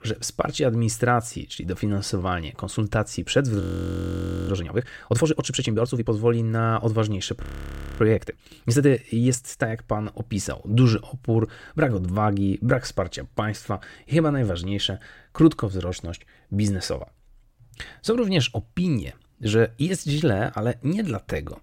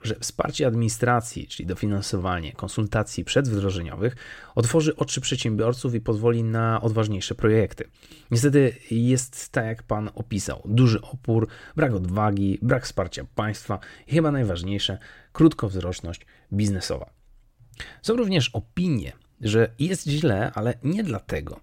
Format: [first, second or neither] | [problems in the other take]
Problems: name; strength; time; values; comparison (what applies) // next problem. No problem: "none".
second | audio freezing; at 3.5 s for 1 s and at 7.5 s for 0.5 s